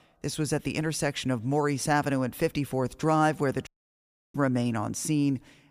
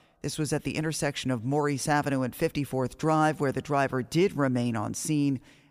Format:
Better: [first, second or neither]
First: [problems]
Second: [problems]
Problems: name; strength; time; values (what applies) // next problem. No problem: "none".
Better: second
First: audio cutting out; at 3.5 s for 0.5 s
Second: none